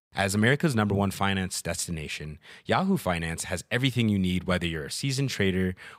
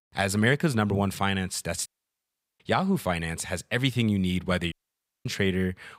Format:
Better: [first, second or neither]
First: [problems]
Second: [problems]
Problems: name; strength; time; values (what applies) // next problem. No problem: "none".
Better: first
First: none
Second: audio cutting out; at 2 s for 0.5 s and at 4.5 s for 0.5 s